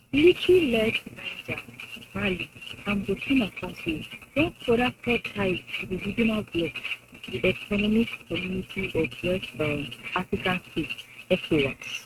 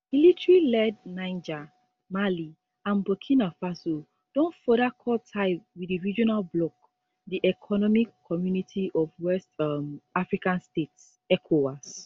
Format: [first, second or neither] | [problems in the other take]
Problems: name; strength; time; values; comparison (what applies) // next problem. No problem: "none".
second | noise reduction (neural mask model RNNoise)